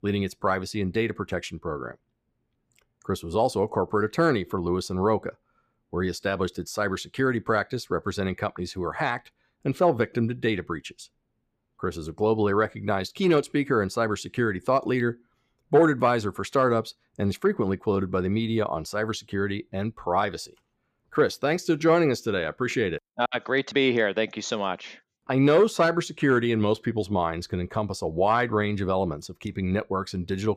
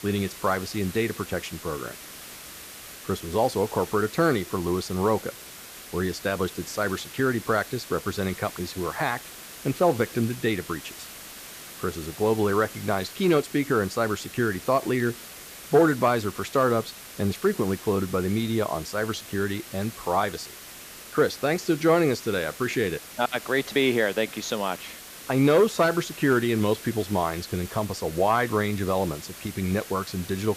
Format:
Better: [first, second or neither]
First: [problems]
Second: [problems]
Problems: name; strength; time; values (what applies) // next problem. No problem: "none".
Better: first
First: none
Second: hiss; noticeable; throughout; 15 dB below the speech